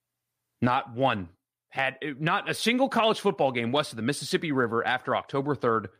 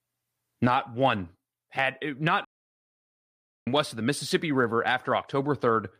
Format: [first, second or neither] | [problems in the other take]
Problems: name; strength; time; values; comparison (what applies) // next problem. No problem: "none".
first | audio cutting out; at 2.5 s for 1 s